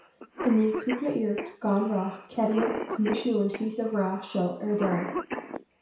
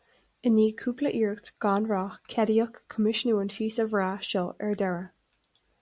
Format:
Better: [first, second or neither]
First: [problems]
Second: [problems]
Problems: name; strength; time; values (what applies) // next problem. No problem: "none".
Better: second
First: background sound (Cough); 9 dB below the speech // room echo; dies away in 0.6 s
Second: none